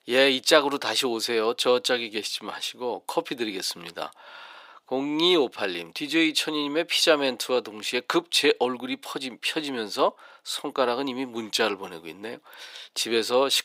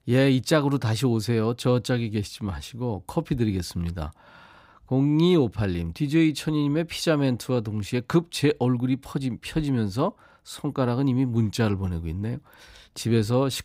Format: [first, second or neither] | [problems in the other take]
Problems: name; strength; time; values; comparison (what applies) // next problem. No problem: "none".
second | thin; very; fading below 400 Hz